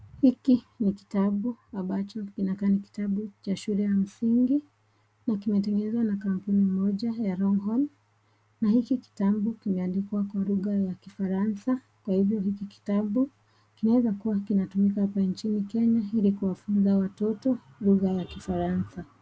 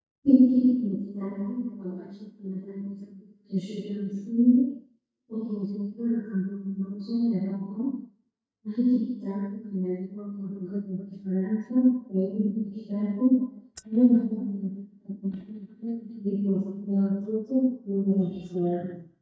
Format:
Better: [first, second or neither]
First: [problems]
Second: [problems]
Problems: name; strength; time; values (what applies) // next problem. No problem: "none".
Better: first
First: none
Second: noise reduction (neural mask model DeepFilterNet 3)